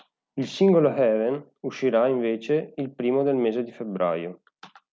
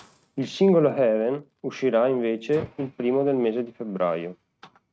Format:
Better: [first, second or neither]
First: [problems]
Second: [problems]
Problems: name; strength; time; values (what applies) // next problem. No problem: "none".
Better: first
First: none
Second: noise reduction (neural mask model RNNoise)